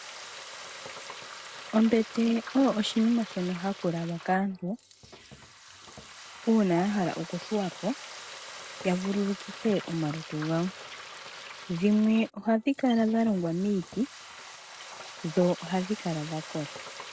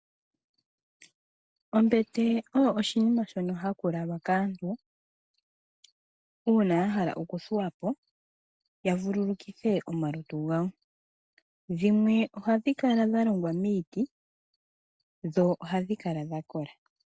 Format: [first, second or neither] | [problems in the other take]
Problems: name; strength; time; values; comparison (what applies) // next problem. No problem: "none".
second | background sound (Frying (food)); 15 dB below the speech